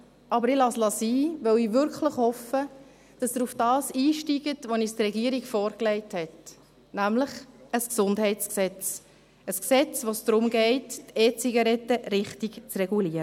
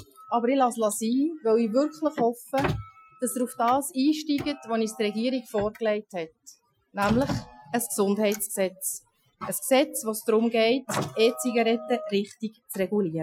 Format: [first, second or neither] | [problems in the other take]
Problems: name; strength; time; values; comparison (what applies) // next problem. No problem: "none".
first | noise reduction (classical method Wiener filter)